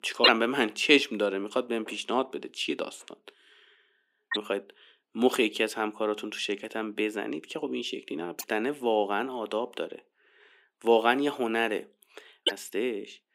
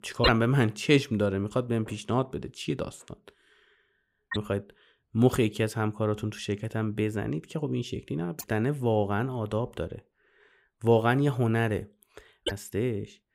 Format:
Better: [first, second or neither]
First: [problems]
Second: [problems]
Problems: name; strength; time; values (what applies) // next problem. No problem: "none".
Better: second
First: thin; somewhat; fading below 250 Hz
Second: none